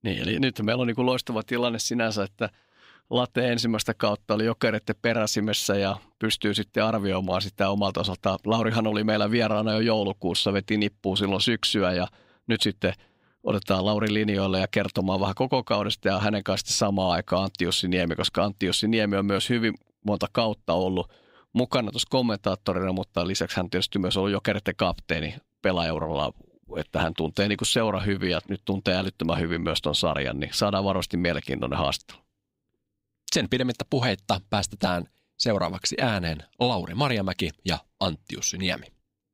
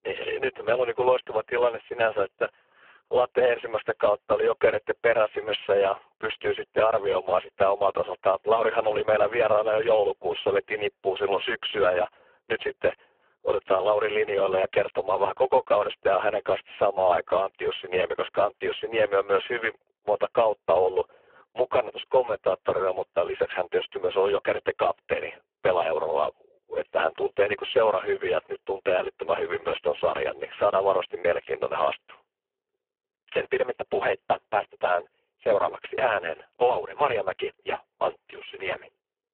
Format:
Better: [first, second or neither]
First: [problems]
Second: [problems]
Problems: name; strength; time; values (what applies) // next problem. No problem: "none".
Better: first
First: none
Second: phone-call audio; poor line